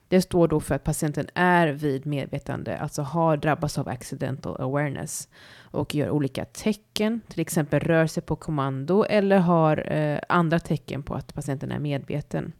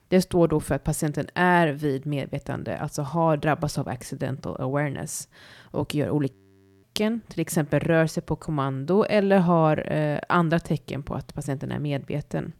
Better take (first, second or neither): first